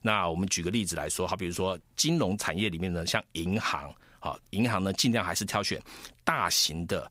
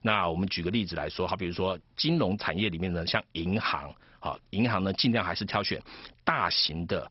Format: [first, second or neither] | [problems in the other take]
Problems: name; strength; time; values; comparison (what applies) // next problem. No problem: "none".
first | garbled, watery; badly; nothing above 5.5 kHz